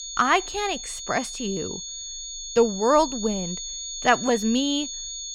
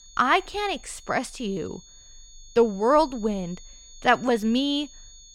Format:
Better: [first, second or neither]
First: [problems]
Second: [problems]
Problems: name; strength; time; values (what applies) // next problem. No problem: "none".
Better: second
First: high-pitched whine; loud; throughout; 6.5 kHz, 8 dB below the speech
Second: high-pitched whine; faint; throughout; 6.5 kHz, 25 dB below the speech